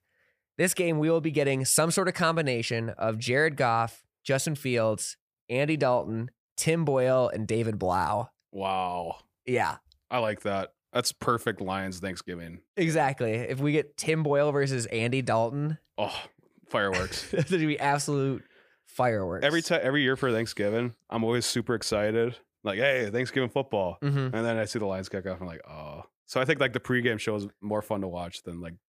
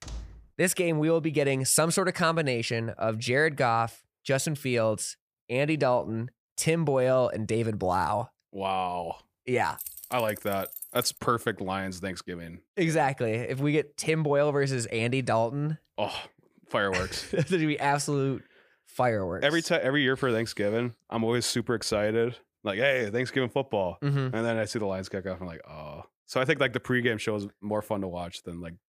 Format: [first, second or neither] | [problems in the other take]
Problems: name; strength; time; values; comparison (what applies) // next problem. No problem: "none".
first | door banging; faint; at the start; peak 15 dB below the speech // jangling keys; noticeable; from 10 to 11 s; peak 10 dB below the speech